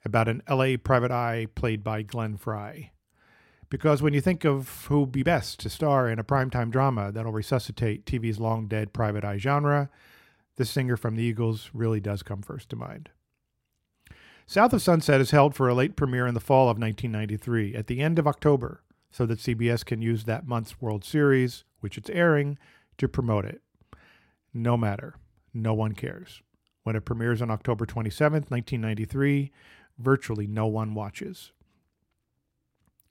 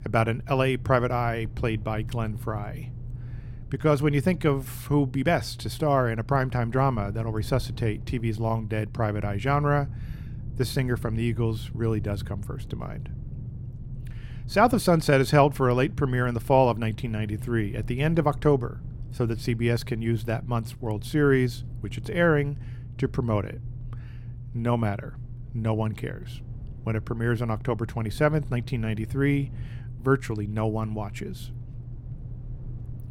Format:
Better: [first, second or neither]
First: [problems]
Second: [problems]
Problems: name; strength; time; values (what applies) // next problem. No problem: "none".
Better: first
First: none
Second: low rumble; faint; throughout; 25 dB below the speech